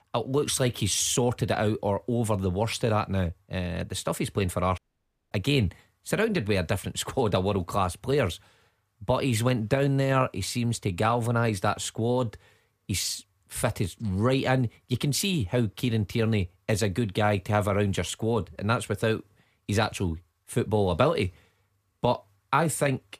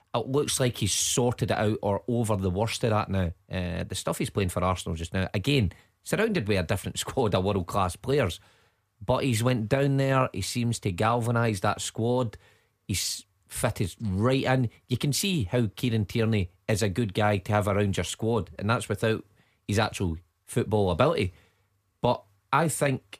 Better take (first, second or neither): second